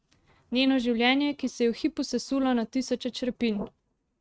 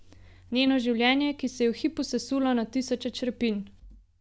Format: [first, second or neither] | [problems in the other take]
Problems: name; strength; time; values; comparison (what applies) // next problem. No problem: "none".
second | noise reduction (neural mask model RNNoise)